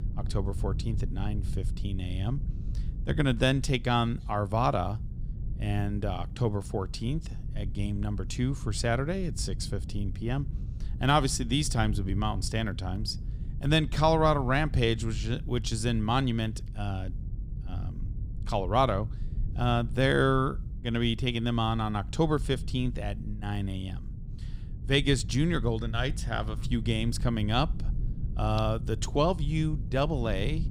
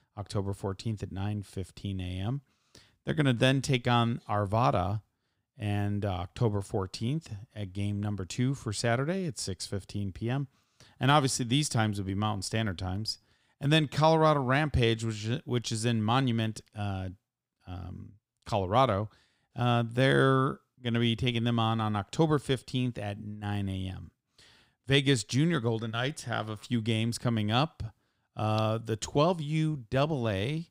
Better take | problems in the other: second | low rumble; faint; throughout; 20 dB below the speech

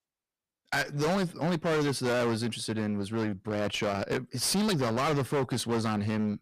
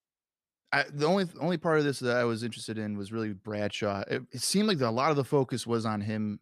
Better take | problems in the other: second | distortion; heavy; 23% of the sound clipped

